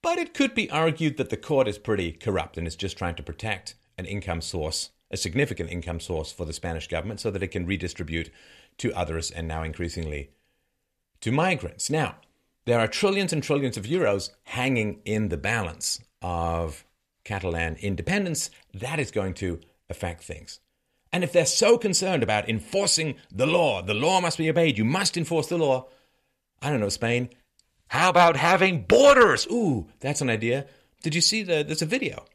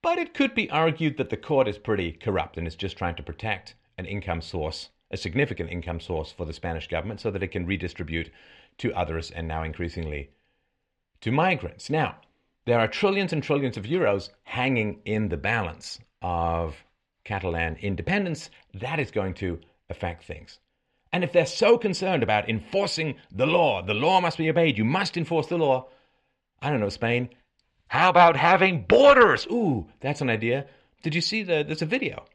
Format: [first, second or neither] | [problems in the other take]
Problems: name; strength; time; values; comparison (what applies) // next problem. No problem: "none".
first | muffled; slightly; fading above 3 kHz